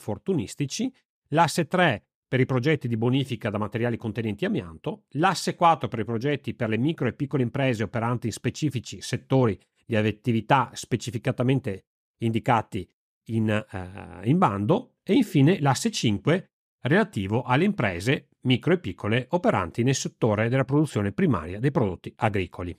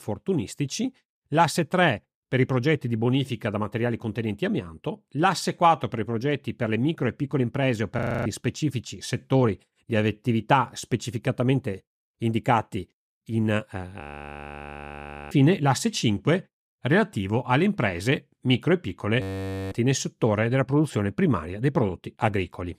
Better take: first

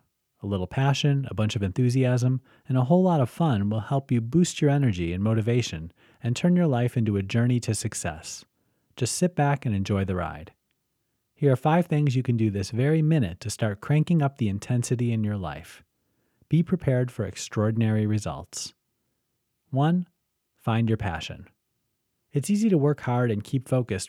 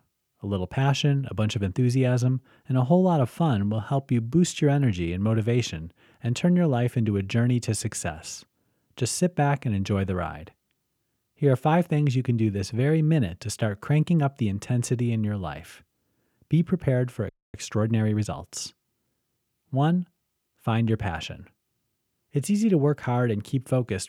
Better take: first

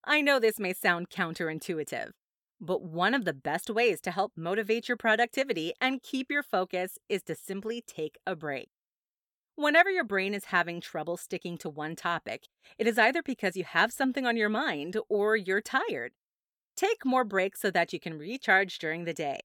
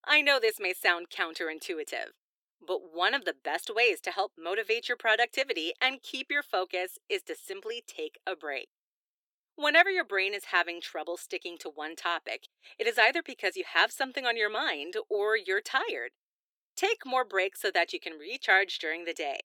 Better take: first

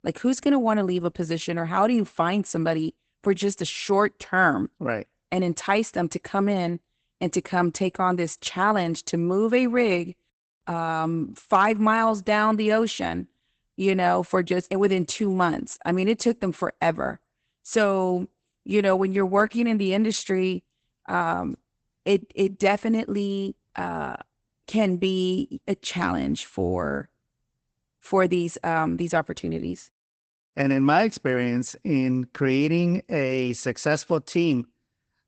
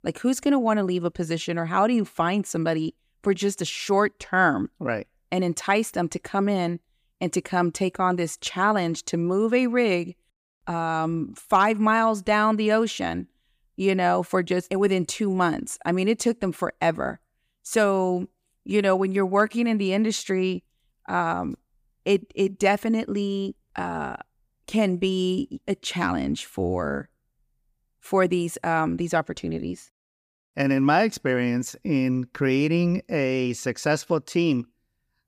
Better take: second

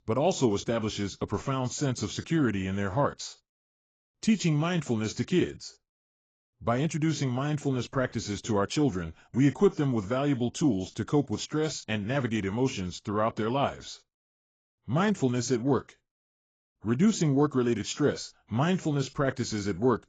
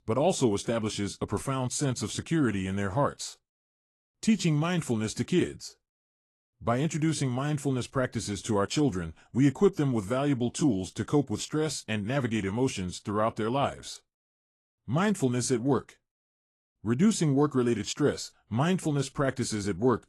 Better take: second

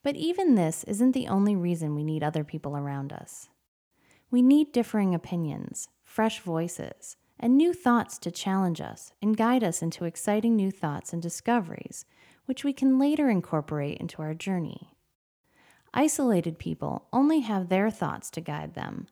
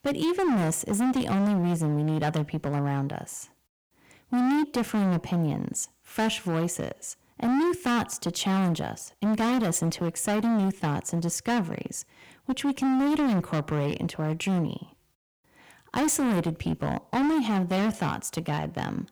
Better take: first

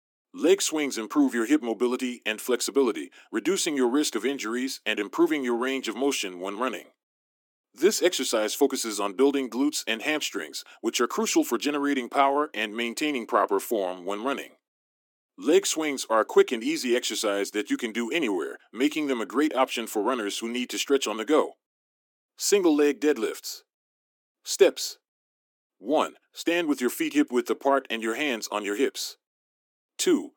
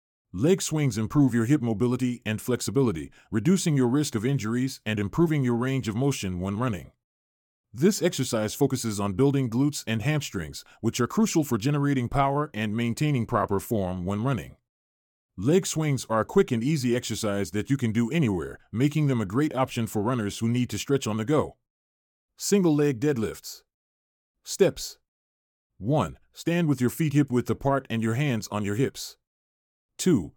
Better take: second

